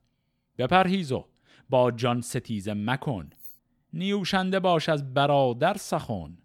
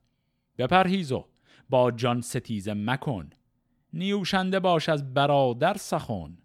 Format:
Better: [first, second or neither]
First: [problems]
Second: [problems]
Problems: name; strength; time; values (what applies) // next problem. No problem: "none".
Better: second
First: jangling keys; faint; at 3.5 s; peak 20 dB below the speech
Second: none